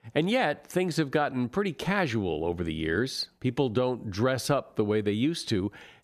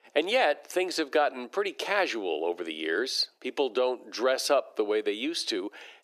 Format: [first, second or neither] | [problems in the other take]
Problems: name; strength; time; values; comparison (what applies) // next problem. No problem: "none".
first | thin; very; fading below 350 Hz